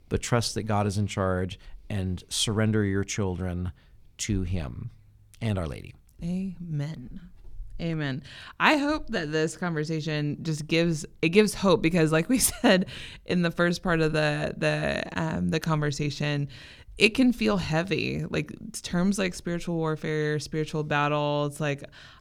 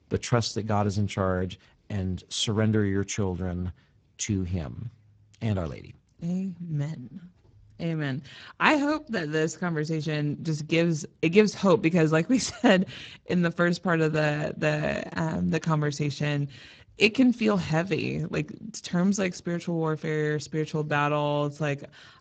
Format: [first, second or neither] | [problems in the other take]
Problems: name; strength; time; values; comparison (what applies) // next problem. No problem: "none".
first | garbled, watery; badly; nothing above 7.5 kHz